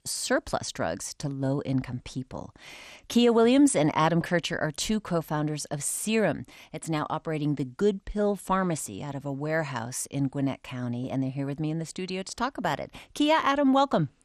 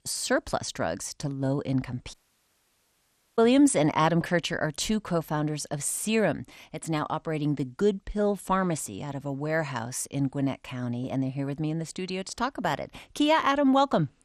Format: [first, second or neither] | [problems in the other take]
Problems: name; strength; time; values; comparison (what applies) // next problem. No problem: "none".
first | audio cutting out; at 2 s for 1 s